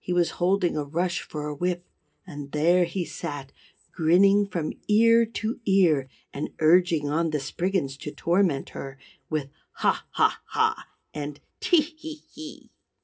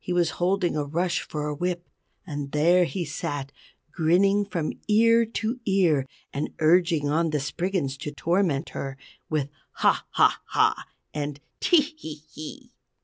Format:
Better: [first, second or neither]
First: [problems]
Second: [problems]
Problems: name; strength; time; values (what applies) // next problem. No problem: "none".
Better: second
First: room echo; dies away in 0.3 s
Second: none